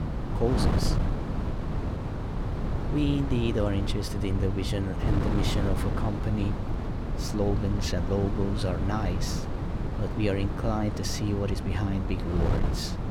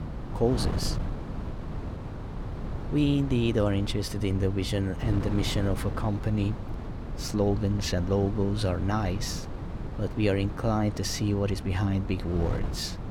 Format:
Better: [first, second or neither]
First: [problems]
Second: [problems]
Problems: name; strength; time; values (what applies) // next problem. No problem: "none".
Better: second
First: wind noise on the microphone; heavy; 3 dB below the speech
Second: wind noise on the microphone; occasional gusts; 10 dB below the speech